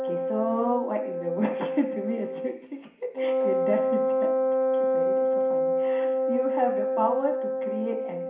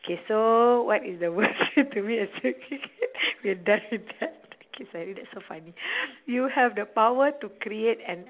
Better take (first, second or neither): second